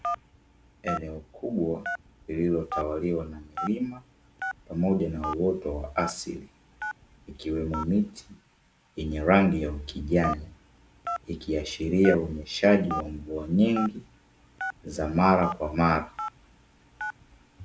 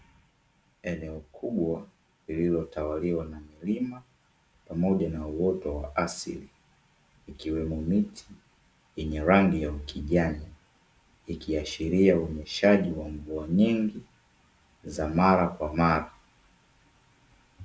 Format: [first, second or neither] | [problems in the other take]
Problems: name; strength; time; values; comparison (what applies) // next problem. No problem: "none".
second | background sound (Telephone); 11 dB below the speech